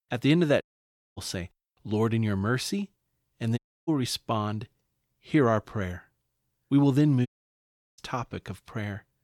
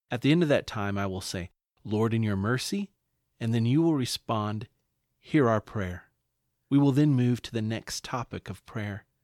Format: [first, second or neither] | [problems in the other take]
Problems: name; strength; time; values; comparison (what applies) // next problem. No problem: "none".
second | audio cutting out; at 0.5 s for 0.5 s, at 3.5 s and at 7.5 s for 0.5 s